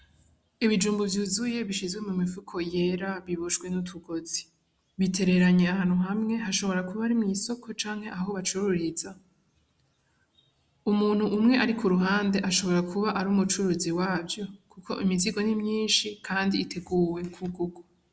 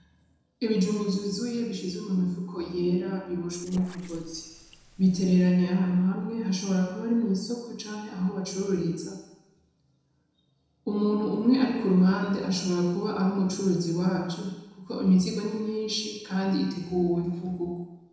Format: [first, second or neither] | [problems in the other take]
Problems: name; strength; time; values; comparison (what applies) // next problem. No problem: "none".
first | noise reduction (neural separator model SepFormer DNS4)